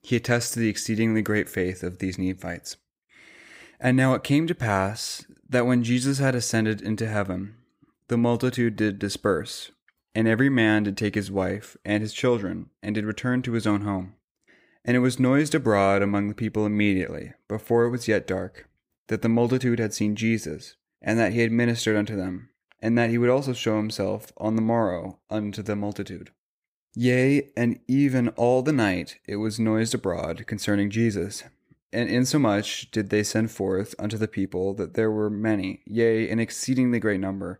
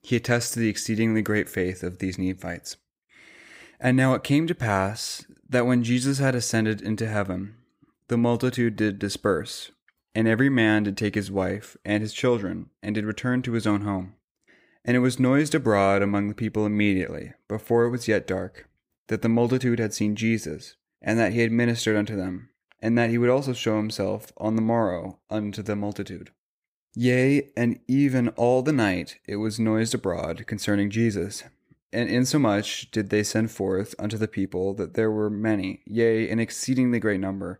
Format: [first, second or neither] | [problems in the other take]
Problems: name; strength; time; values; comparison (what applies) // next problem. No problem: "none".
neither | none